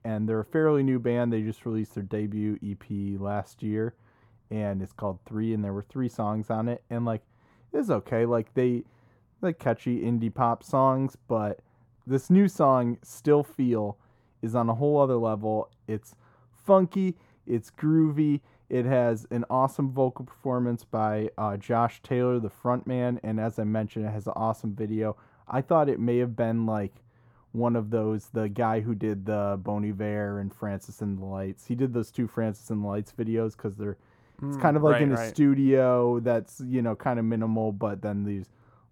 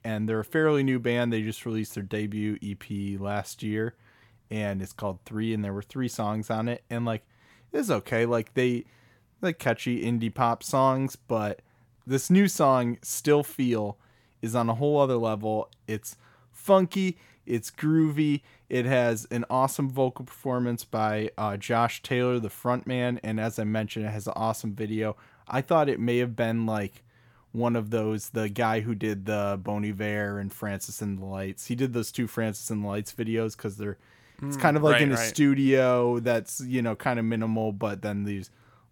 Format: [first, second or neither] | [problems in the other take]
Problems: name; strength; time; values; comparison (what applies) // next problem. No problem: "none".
second | muffled; slightly; fading above 1.5 kHz